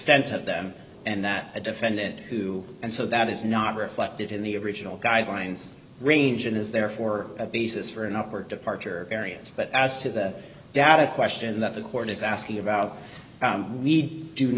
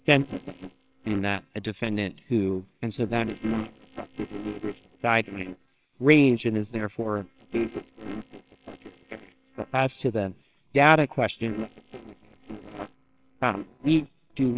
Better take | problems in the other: first | noise reduction (neural separator model SepFormer WHAMR!)

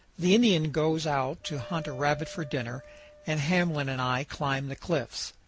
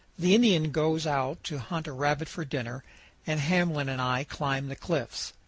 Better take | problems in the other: second | background sound (Wind instrument, woodwind instrument); 19 dB below the speech

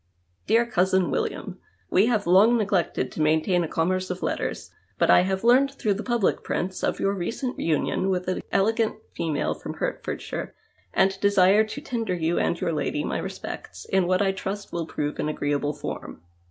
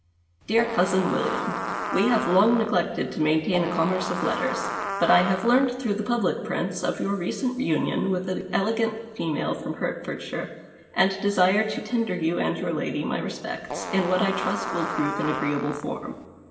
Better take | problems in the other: first | background sound (Fart); 6 dB below the speech // room echo; dies away in 2.2 s

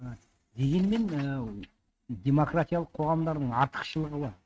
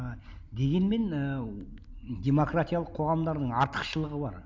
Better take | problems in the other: second | noise reduction (neural mask model RNNoise)

